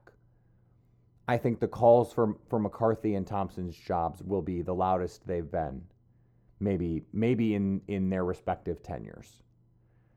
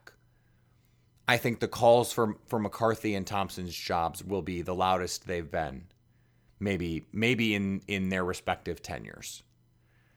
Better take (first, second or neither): second